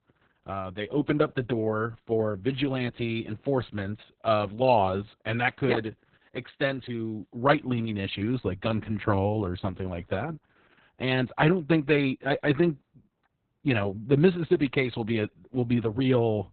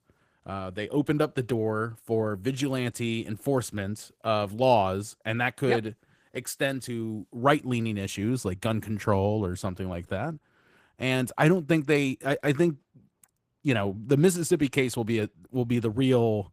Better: second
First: garbled, watery; badly; nothing above 4 kHz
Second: garbled, watery; slightly; nothing above 15 kHz

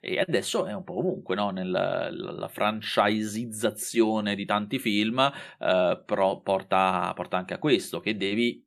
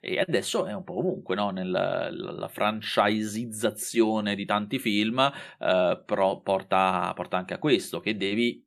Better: neither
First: none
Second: none

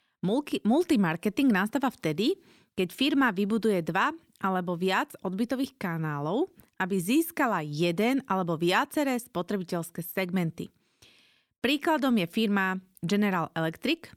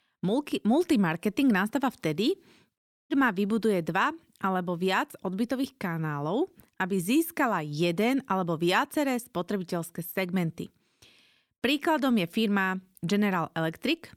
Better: first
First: none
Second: audio cutting out; at 3 s

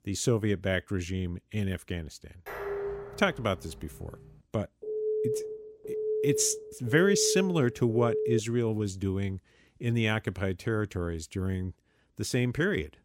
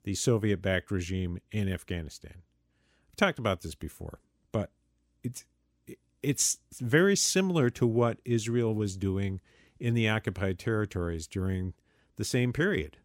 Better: second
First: clattering dishes; noticeable; from 2.5 to 4.5 s; peak 5 dB below the speech // phone ringing; noticeable; from 5 to 8.5 s; peak level with the speech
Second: none

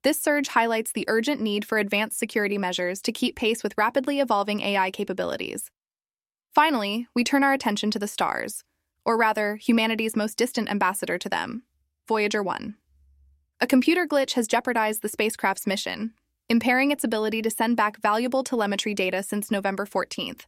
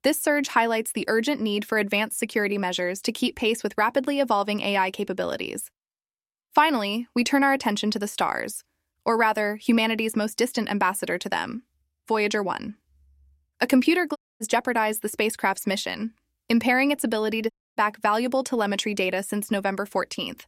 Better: first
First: none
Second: audio cutting out; at 14 s and at 18 s

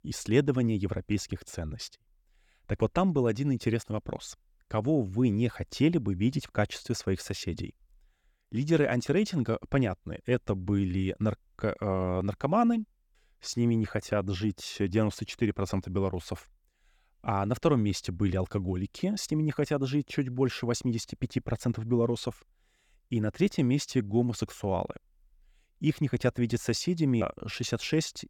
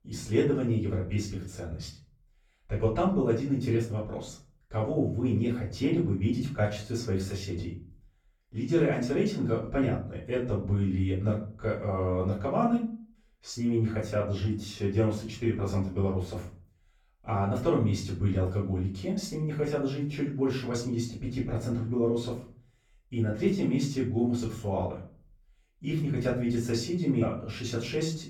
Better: first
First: none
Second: off-mic speech; far // room echo; slight; dies away in 0.4 s

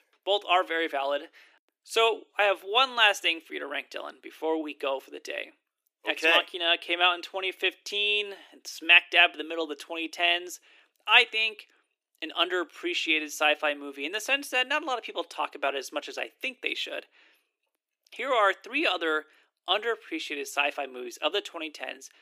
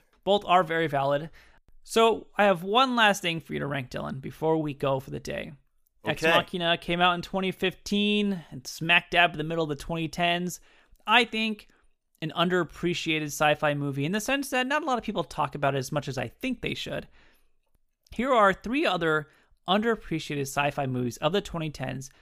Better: second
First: thin; somewhat; fading below 300 Hz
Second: none

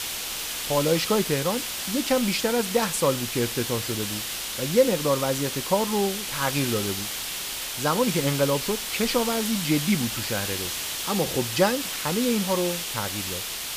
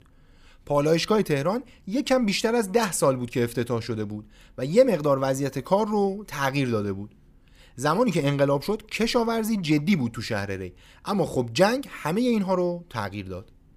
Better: second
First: hiss; loud; throughout; 3 dB below the speech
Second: none

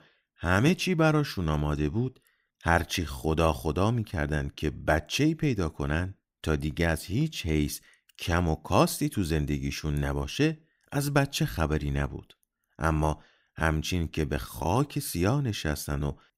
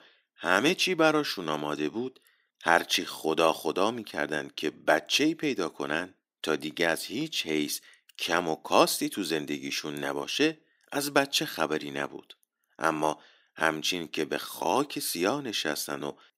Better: first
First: none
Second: thin; somewhat; fading below 300 Hz

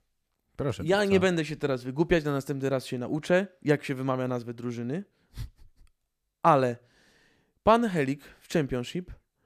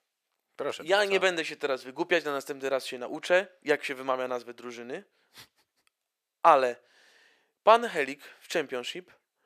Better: first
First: none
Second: thin; very; fading below 550 Hz

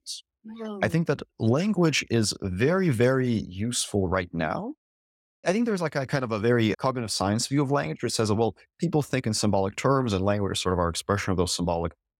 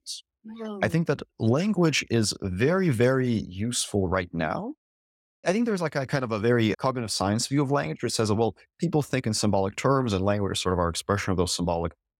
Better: neither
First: none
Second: none

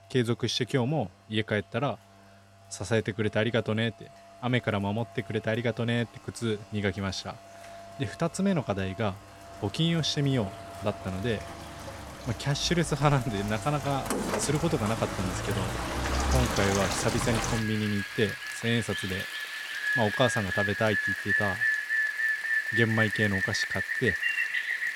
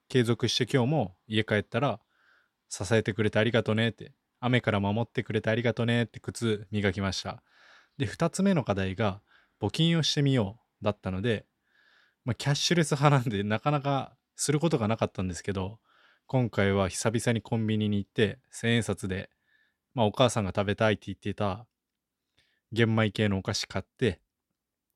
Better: second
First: rain or running water; loud; throughout; 1 dB below the speech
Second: none

